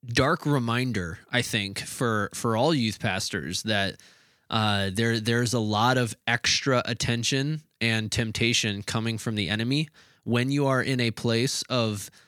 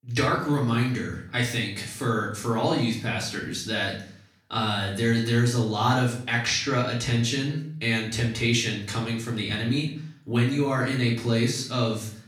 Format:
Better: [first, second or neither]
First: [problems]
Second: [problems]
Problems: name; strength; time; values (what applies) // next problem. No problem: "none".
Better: first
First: none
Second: off-mic speech; far // room echo; slight; dies away in 0.5 s